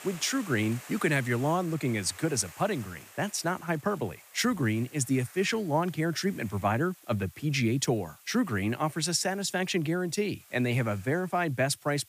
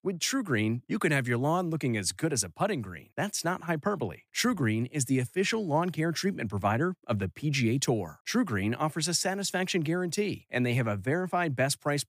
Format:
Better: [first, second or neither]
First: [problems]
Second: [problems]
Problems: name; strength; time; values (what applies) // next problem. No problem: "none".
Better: second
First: hiss; faint; throughout; 20 dB below the speech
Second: none